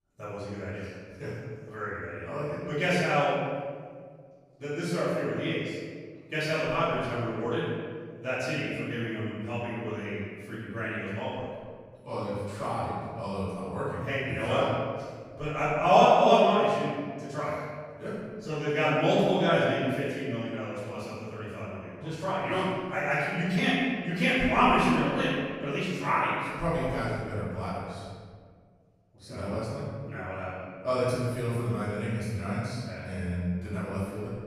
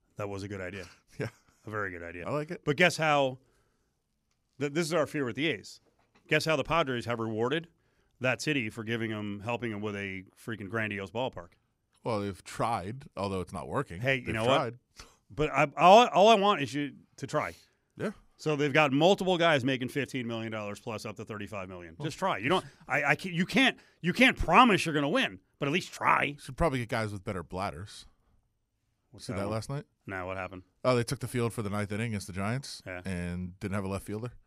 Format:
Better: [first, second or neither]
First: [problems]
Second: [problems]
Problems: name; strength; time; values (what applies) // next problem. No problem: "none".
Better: second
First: off-mic speech; far // room echo; strong; dies away in 1.6 s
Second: none